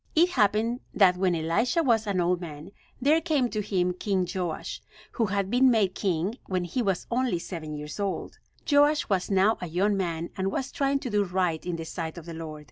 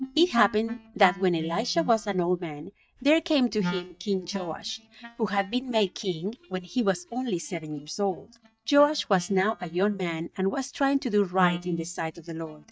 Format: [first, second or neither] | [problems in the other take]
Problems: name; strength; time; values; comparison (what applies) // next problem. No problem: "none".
first | noise reduction (neural mask model DeepFilterNet 3)